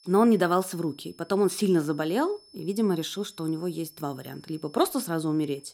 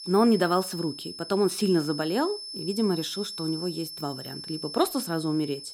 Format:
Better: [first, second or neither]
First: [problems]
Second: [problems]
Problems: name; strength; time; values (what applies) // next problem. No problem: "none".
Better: first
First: high-pitched whine; faint; throughout; 5.5 kHz, 25 dB below the speech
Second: high-pitched whine; loud; throughout; 5.5 kHz, 9 dB below the speech